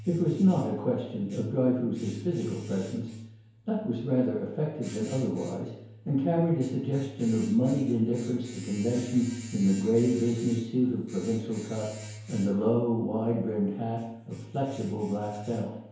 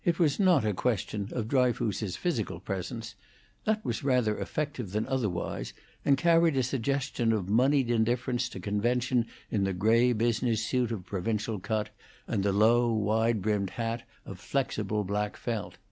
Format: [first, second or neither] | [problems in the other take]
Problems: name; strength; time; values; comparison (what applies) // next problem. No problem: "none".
second | background sound (Domestic sounds, home sounds); 16 dB below the speech // room echo; dies away in 1 s